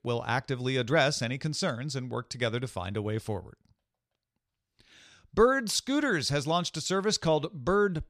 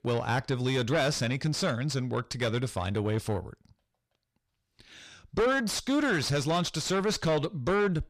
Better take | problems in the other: first | distortion; heavy; 7 dB below the speech

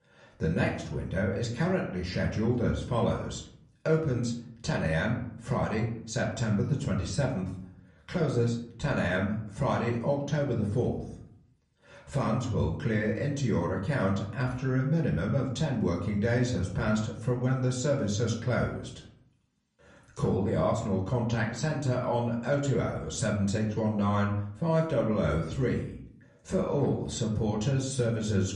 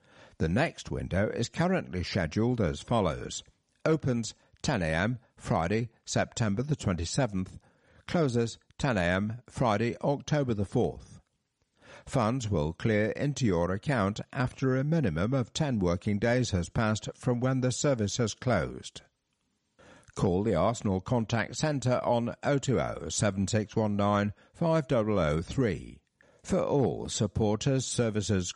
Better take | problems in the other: second | room echo; slight; dies away in 0.6 s // off-mic speech; far

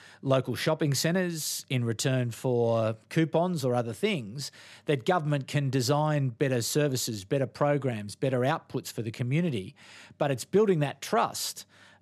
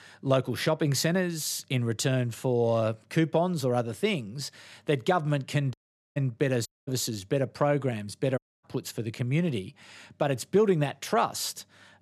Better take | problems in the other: first | audio cutting out; at 5.5 s, at 6.5 s and at 8.5 s

